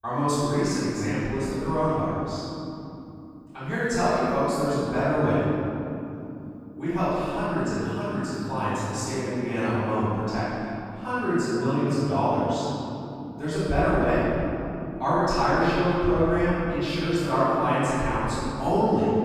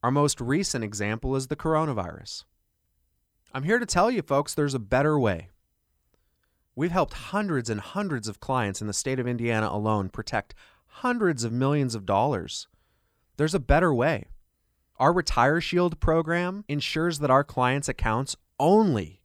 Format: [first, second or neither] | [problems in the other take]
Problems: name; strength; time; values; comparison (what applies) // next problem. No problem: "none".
second | off-mic speech; far // room echo; strong; dies away in 3 s